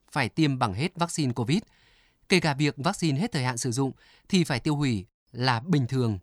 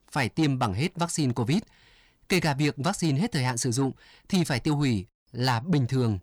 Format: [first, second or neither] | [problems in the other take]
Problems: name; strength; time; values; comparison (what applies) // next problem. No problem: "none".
first | distortion; slight; 10 dB below the speech